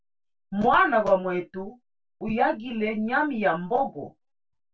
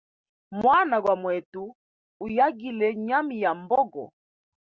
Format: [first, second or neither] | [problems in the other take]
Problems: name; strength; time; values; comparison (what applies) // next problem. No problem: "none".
second | room echo; dies away in 0.1 s